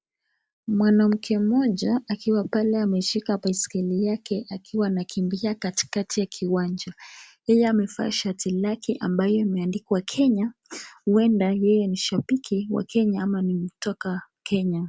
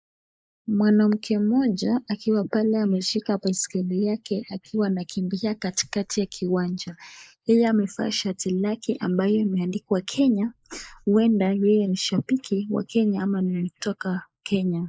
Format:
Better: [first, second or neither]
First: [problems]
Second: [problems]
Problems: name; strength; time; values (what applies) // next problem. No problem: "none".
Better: first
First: none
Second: noise reduction (neural mask model Resemble Enhance denoiser)